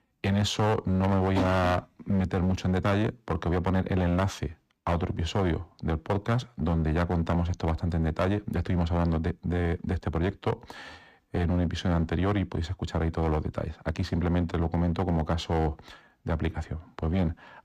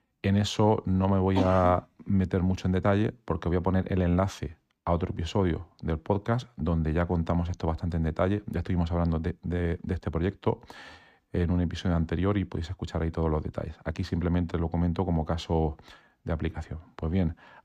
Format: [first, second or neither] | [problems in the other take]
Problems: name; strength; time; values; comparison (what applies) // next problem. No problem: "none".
second | distortion; slight; 12% of the sound clipped